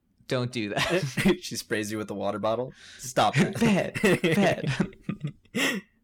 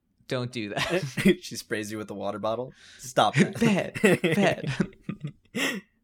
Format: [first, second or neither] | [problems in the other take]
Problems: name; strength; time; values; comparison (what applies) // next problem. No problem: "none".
second | distortion; slight; 10 dB below the speech